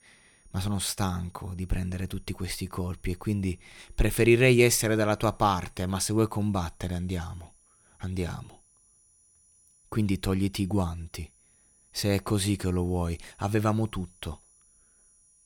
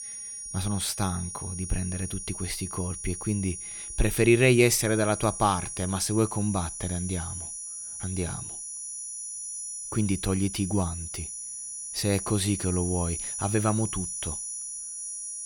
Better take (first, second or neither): first